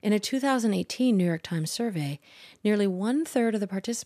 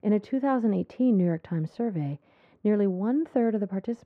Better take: first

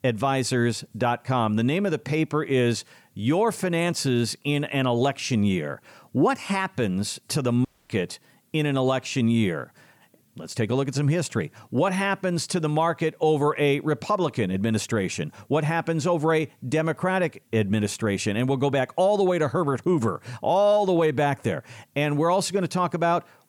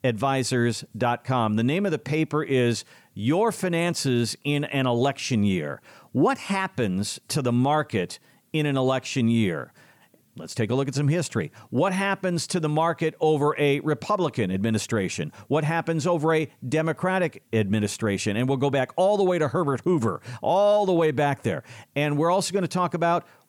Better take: second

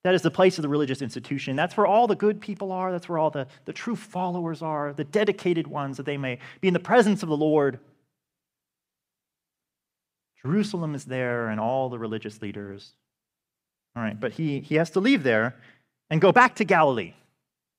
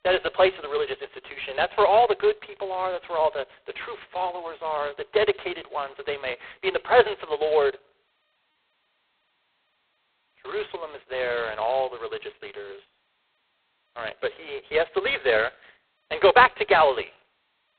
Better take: first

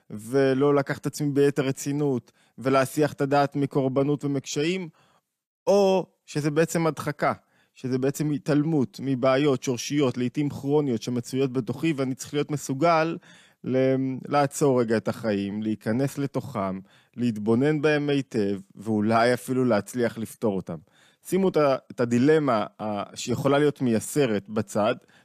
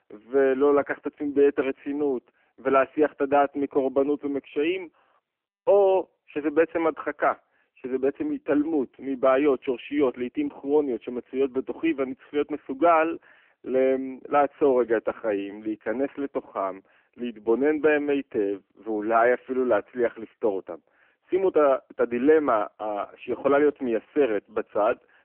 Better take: first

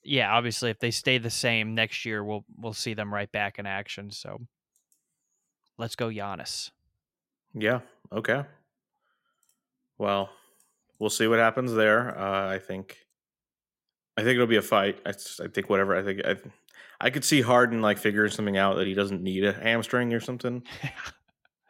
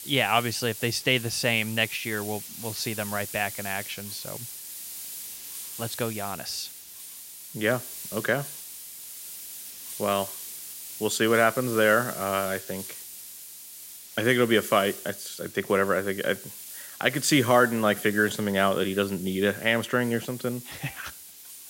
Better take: first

